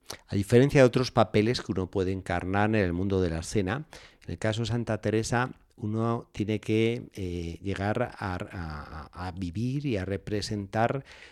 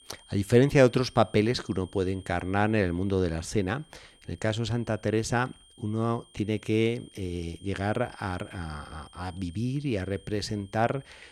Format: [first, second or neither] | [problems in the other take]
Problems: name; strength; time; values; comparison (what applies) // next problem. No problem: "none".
first | high-pitched whine; faint; throughout; 3 kHz, 25 dB below the speech